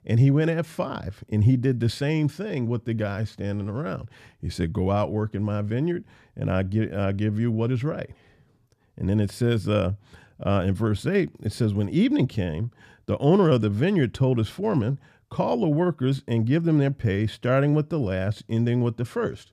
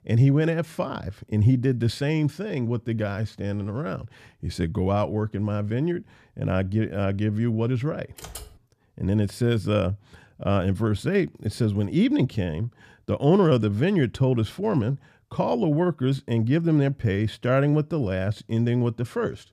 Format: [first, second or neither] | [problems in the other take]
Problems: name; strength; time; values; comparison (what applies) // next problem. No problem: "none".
first | keyboard typing; faint; at 8 s; peak 15 dB below the speech